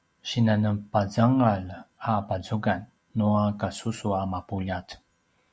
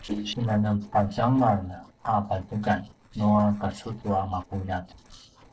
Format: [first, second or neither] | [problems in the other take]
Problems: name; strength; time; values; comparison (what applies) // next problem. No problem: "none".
first | noise reduction (neural separator model SepFormer DNS4)